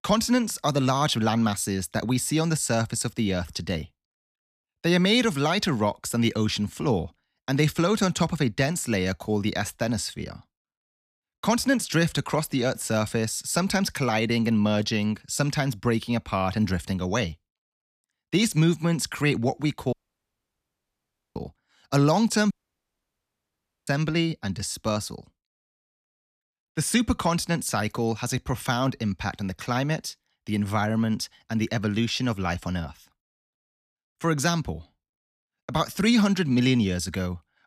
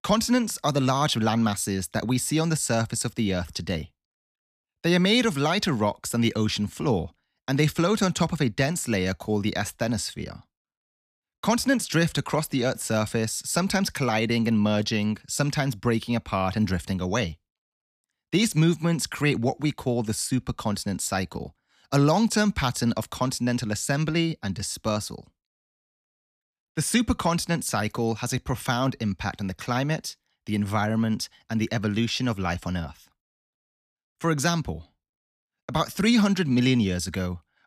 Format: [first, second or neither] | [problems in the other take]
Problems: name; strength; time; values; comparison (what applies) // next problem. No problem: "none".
second | audio cutting out; at 20 s for 1.5 s and at 23 s for 1.5 s